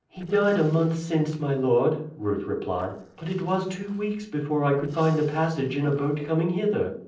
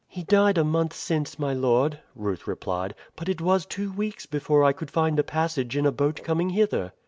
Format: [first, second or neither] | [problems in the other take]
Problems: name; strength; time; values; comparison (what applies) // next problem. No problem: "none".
second | noise reduction (neural separator model SepFormer DNS4)